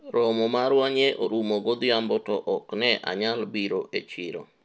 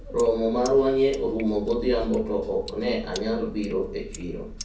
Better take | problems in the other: first | background sound (Sink (filling or washing)); 14 dB below the speech // room echo; dies away in 0.6 s

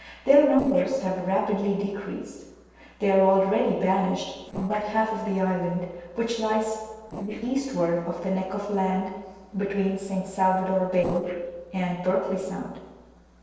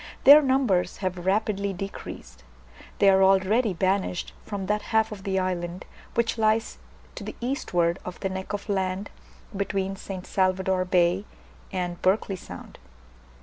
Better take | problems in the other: second | noise reduction (neural separator model SepFormer DNS4)

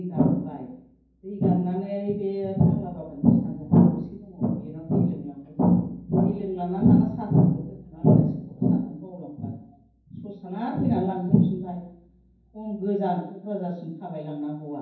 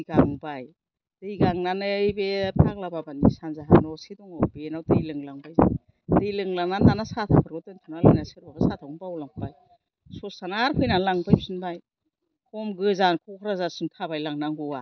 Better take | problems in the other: second | room echo; dies away in 0.9 s

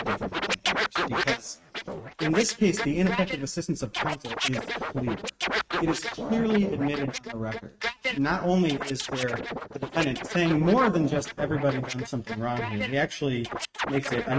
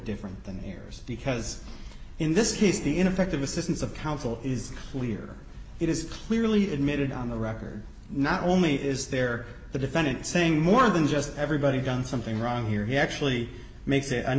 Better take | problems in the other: second | noise reduction (neural mask model RNNoise)

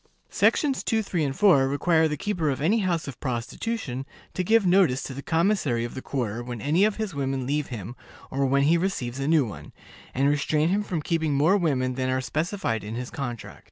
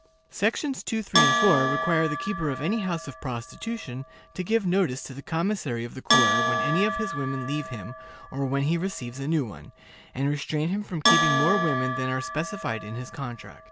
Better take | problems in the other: first | background sound (Bell); 2 dB below the speech

